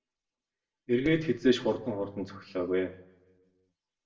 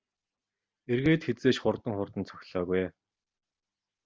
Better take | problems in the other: second | room echo; dies away in 0.6 s

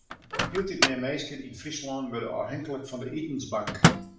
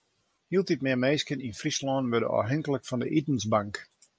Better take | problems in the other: second | background sound (Microwave oven); 3 dB above the speech // room echo; dies away in 0.5 s

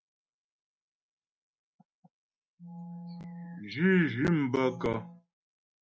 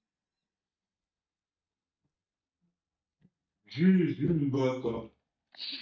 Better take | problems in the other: first | noise reduction (neural mask model DeepFilterNet 3)

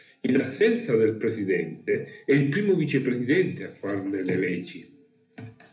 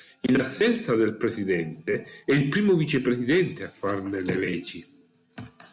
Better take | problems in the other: second | room echo; dies away in 0.3 s

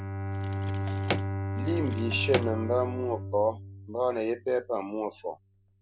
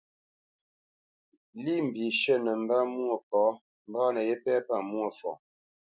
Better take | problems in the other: second | background sound (Drawer open or close + Bowed string instrument); 2 dB below the speech

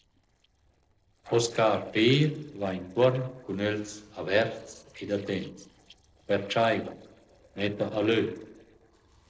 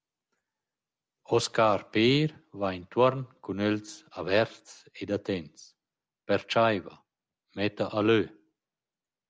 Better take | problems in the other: second | noise reduction (neural separator model SepFormer DNS4)

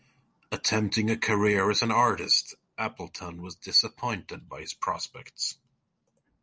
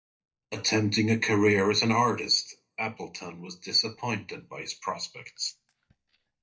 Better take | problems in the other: first | noise reduction (neural mask model DeepFilterNet 3)

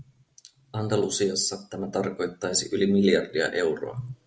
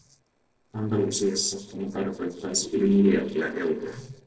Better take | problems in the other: first | noise reduction (neural separator model SepFormer DNS4)

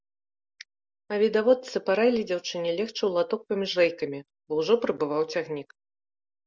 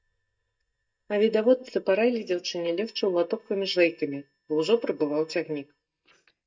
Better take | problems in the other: first | noise reduction (neural mask model DeepFilterNet 3)

